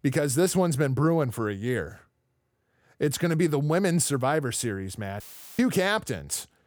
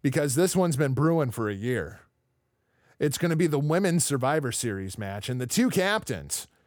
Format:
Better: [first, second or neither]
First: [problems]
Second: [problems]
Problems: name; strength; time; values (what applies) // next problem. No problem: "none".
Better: second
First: audio cutting out; filled with static; at 5 s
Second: none